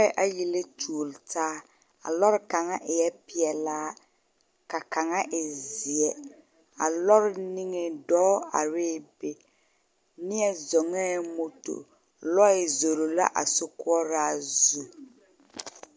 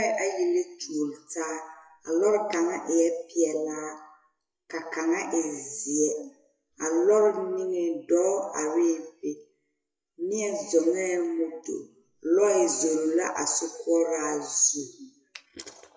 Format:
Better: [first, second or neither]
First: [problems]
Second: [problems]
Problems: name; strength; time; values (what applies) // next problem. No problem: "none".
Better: first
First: none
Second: noise reduction (classical method WPE with log-MMSE)